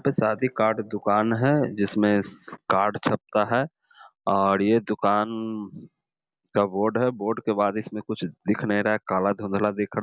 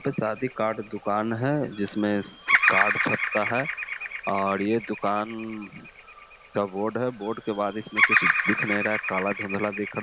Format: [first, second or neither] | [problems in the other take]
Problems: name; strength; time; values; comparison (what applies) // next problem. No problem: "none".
first | background sound (Bird vocalization, bird call, bird song); 1 dB below the speech